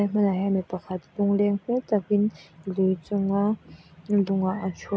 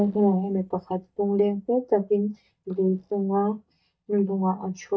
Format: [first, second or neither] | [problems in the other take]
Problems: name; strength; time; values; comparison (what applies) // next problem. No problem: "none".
first | noise reduction (neural mask model DeepFilterNet 3)